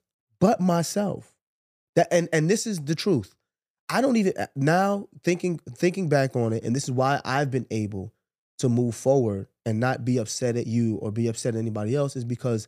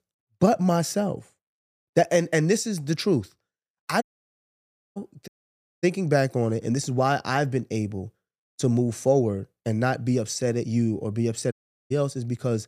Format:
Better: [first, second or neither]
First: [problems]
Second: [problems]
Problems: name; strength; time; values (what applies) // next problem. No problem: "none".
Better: first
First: none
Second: audio cutting out; at 4 s for 1 s, at 5.5 s for 0.5 s and at 12 s